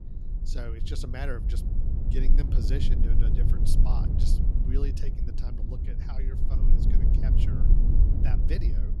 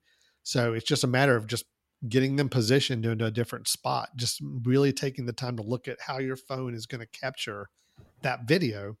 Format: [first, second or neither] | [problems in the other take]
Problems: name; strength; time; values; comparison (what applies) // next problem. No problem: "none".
second | low rumble; loud; throughout; as loud as the speech